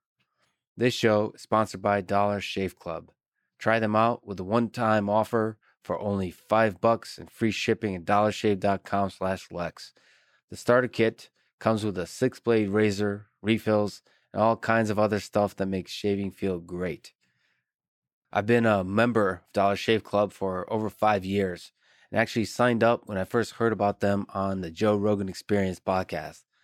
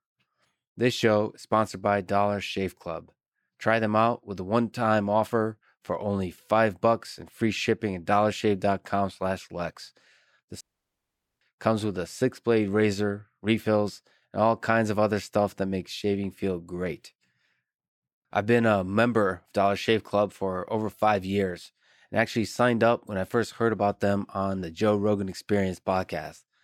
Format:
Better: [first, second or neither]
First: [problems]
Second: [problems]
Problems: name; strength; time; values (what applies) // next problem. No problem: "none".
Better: first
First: none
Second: audio cutting out; at 11 s for 1 s